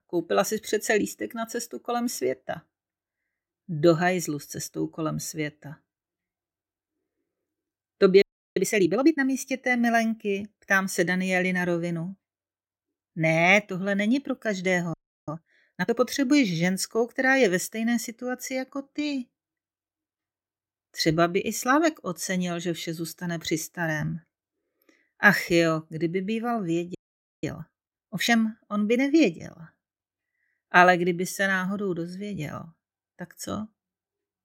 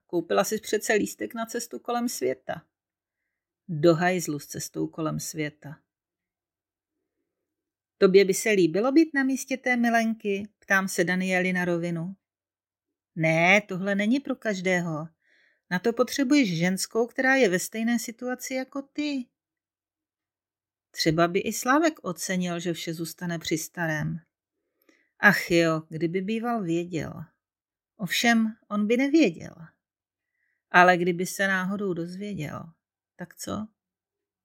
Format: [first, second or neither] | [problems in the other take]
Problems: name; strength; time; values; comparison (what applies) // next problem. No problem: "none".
second | audio freezing; at 8 s, at 15 s and at 27 s